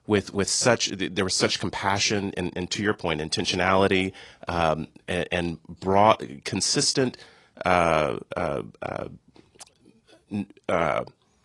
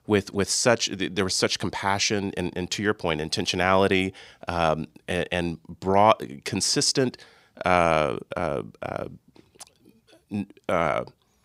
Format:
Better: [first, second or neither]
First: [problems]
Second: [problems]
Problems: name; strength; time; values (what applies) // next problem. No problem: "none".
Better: second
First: garbled, watery; slightly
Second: none